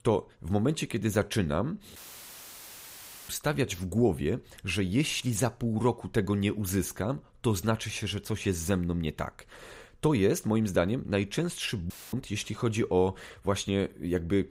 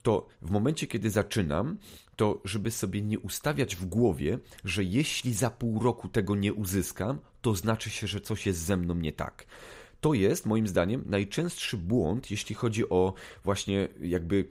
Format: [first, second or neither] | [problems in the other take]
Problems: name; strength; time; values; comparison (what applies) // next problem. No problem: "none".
second | audio cutting out; filled with static; at 2 s for 1.5 s and at 12 s